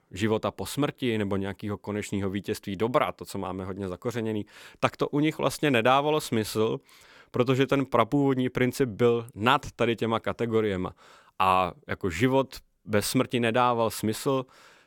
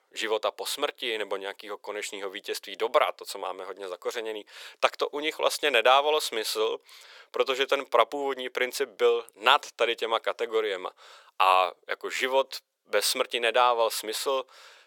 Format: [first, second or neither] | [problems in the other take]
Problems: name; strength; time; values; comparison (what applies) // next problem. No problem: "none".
first | thin; very; fading below 500 Hz